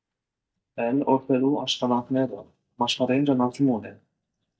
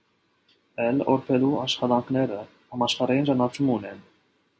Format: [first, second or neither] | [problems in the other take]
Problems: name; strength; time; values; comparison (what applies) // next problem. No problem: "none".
second | noise reduction (neural mask model DeepFilterNet 3)